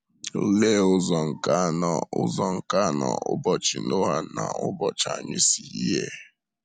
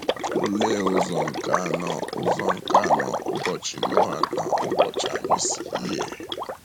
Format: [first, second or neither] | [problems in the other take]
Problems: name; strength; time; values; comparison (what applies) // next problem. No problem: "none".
first | background sound (Water / Liquid); 5 dB above the speech